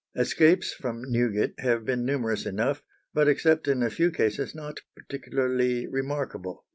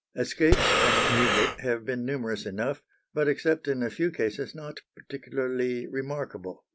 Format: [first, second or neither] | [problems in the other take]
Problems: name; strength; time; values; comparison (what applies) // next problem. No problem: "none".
first | background sound (Breathing); 5 dB above the speech